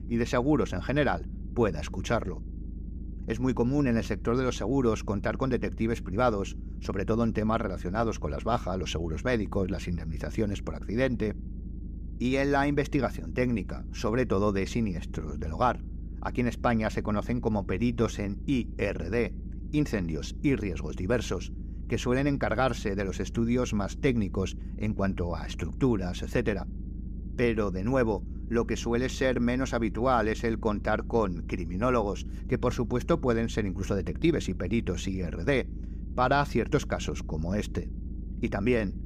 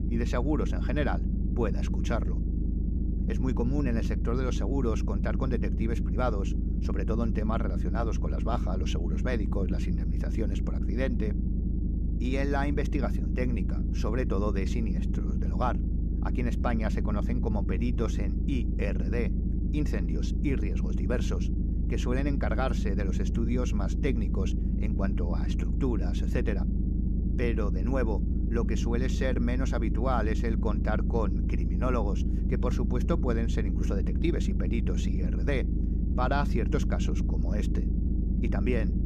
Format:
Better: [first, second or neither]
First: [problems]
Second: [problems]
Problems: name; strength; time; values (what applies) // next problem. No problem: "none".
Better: first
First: low rumble; faint; throughout; 20 dB below the speech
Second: low rumble; loud; throughout; 6 dB below the speech